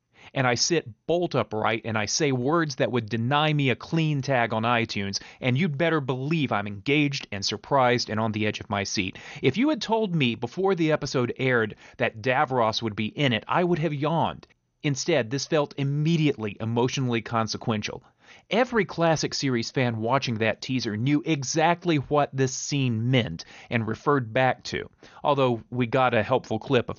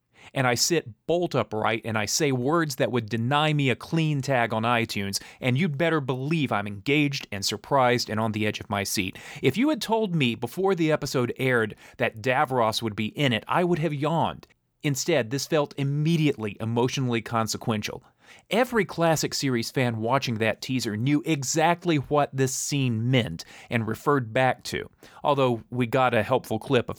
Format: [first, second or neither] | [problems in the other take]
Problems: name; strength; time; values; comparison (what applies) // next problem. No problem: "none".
second | garbled, watery; slightly; nothing above 6.5 kHz